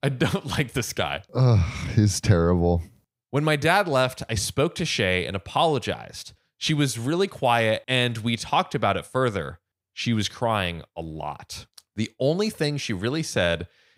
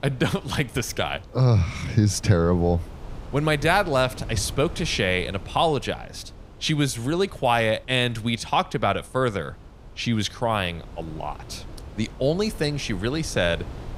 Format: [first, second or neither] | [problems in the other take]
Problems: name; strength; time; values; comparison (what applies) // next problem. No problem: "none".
first | wind noise on the microphone; occasional gusts; 25 dB below the speech